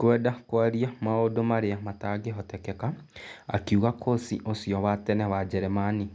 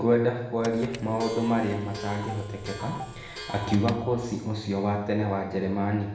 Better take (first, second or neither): first